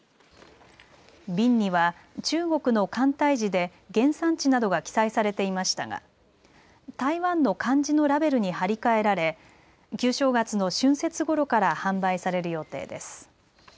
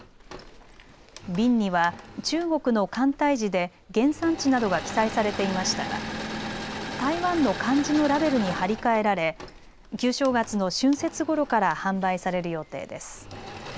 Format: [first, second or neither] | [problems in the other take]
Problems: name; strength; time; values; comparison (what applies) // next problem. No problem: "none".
first | background sound (Engine / Mechanisms); 11 dB below the speech